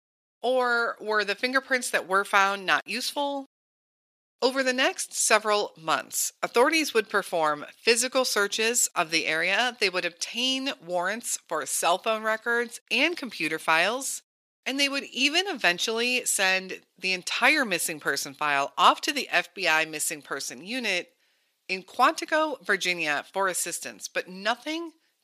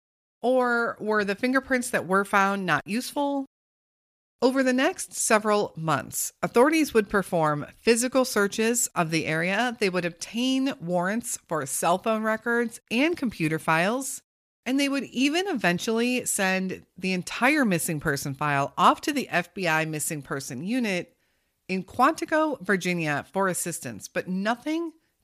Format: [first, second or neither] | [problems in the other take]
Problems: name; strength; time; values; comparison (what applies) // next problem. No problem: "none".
second | thin; somewhat; fading below 400 Hz